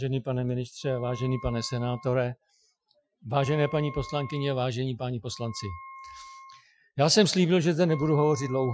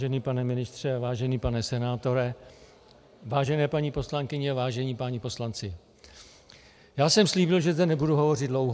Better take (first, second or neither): second